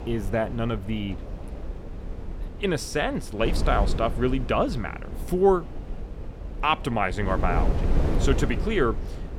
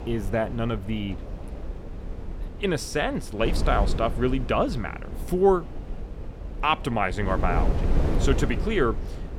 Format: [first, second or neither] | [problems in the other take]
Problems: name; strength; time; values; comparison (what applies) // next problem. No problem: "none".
neither | wind noise on the microphone; occasional gusts; 15 dB below the speech; the same in both